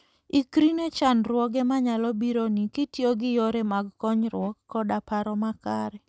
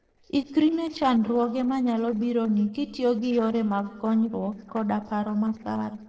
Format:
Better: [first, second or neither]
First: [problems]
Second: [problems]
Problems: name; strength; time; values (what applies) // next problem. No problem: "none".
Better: first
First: none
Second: noise reduction (neural separator model SepFormer DNS4)